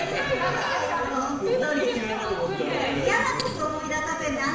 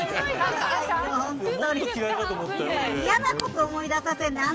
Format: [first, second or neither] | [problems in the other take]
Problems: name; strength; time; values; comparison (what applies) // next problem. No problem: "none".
second | room echo; dies away in 0.7 s